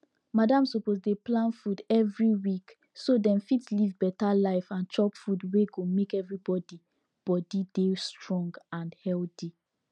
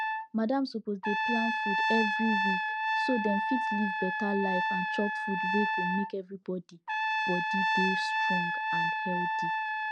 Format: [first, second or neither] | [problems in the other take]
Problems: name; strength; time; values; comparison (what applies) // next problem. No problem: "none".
first | background sound (Trumpet); 3 dB above the speech